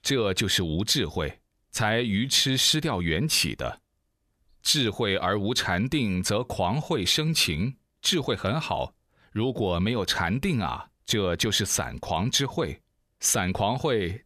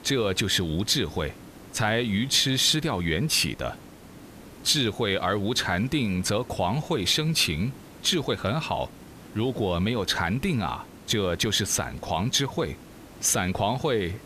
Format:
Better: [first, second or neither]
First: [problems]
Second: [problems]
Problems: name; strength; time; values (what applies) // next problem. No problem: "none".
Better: first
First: none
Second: hiss; faint; throughout; 20 dB below the speech